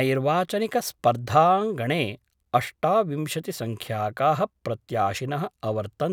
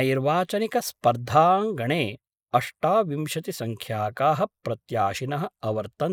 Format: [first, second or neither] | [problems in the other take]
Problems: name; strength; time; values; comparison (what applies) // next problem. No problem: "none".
first | noise reduction (neural mask model Resemble Enhance denoiser)